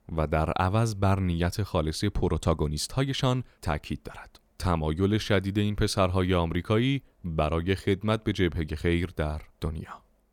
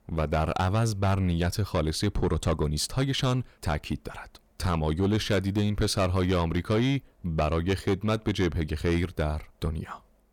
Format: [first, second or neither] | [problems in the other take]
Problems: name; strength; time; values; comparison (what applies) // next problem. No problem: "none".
first | distortion; slight; 10 dB below the speech